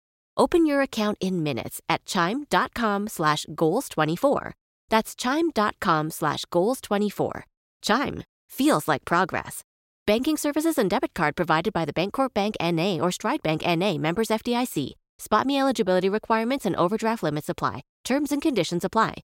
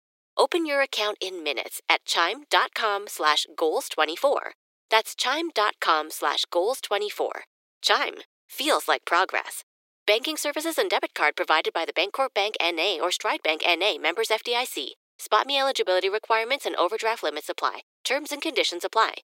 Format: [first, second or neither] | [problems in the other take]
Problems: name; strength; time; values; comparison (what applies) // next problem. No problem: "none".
first | thin; very; fading below 350 Hz